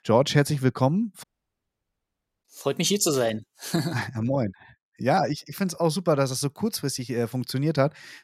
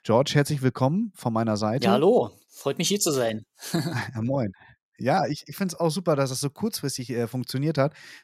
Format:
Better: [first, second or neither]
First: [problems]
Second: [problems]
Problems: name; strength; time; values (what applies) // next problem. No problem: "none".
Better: second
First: audio cutting out; at 1 s for 1 s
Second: none